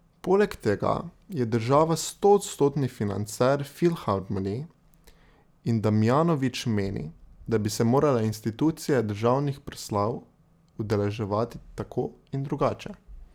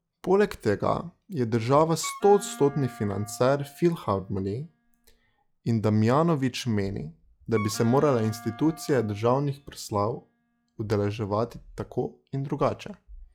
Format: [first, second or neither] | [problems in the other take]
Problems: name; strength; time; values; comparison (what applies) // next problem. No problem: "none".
first | noise reduction (classical method log-MMSE)